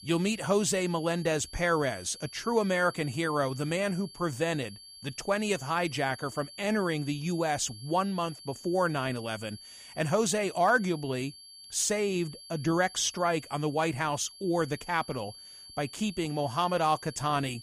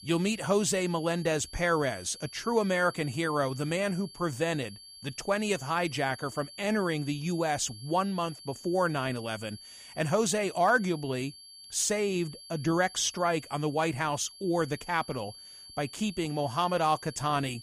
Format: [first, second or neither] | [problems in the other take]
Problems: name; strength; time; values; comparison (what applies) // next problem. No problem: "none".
neither | high-pitched whine; noticeable; throughout; 4.5 kHz, 15 dB below the speech; the same in both